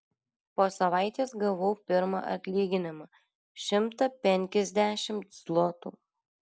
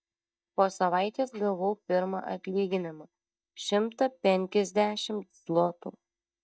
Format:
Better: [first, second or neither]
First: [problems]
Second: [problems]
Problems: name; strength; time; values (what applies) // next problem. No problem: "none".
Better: first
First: none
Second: noise reduction (neural mask model DeepFilterNet 3)